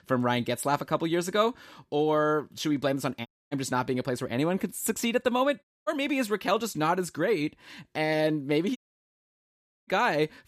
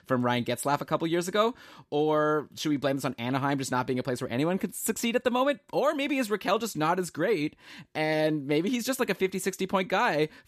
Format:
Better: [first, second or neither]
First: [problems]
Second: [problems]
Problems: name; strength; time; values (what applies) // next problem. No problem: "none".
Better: second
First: audio cutting out; at 3.5 s, at 5.5 s and at 9 s for 1 s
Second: none